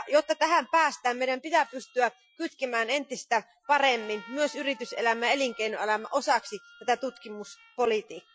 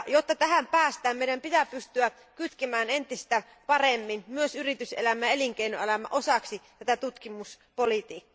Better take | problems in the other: second | noise reduction (classical method Wiener filter)

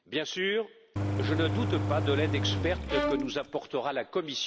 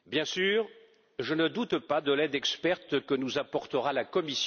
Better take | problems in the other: second | background sound (Bowed string instrument + Engine); 1 dB above the speech

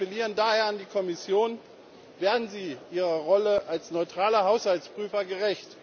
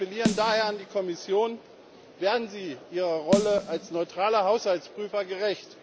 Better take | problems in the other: first | background sound (Snare drum); 7 dB below the speech

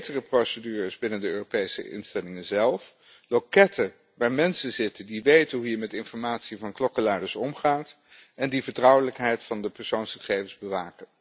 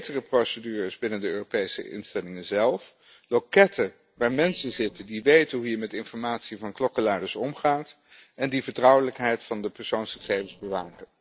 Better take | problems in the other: first | noise reduction (neural separator model SepFormer DNS4)

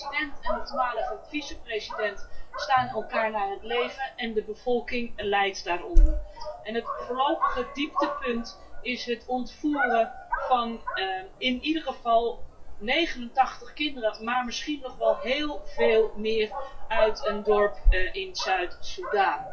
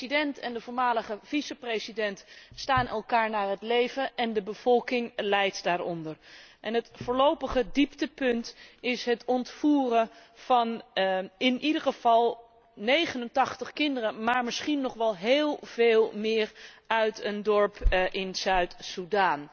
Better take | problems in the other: second | noise reduction (classical method WPE with log-MMSE)

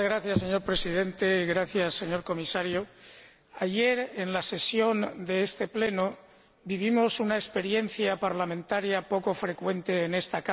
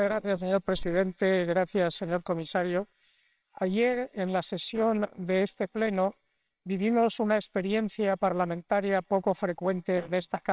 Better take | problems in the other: first | noise reduction (neural separator model SepFormer WHAMR!)

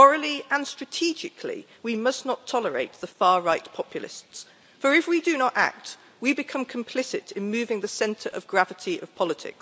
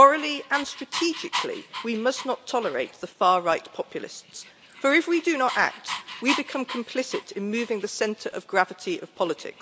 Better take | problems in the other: first | background sound (Dog); 13 dB below the speech

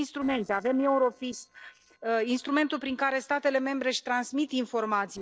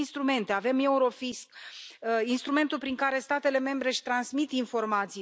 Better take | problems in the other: second | noise reduction (neural separator model SepFormer DNS4)

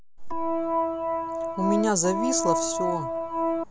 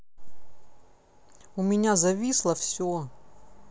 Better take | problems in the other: second | background sound (Organ); 2 dB above the speech

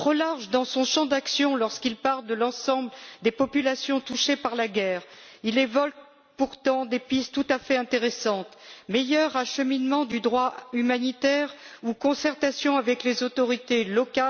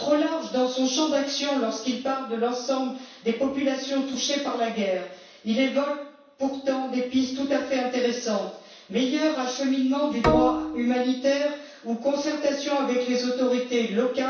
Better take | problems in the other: first | background sound (Bowed string instrument); 2 dB below the speech // room echo; dies away in 0.7 s

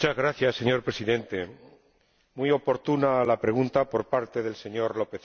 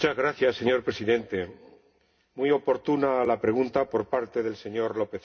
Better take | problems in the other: first | room echo; dies away in 0.3 s

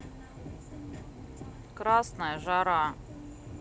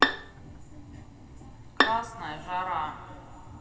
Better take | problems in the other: first | background sound (Bowed string instrument); 4 dB above the speech // room echo; dies away in 2.4 s

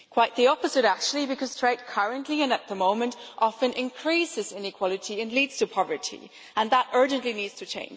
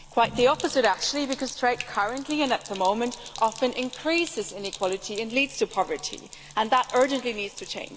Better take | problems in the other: first | background sound (Sink (filling or washing)); 16 dB below the speech

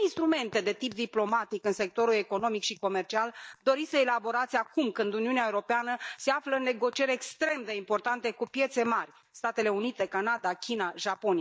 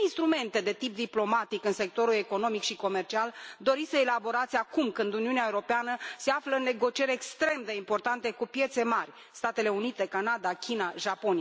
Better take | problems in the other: second | noise reduction (neural mask model DeepFilterNet 3)

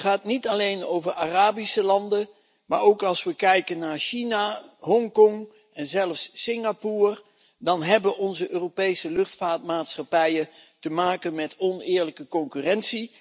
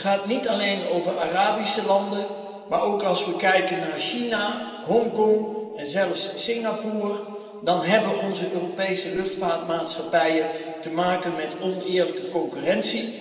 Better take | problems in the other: first | room echo; dies away in 2.6 s

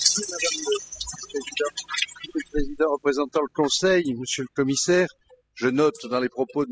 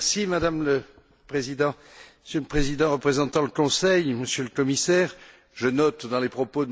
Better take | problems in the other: second | noise reduction (classical method spectral subtraction)

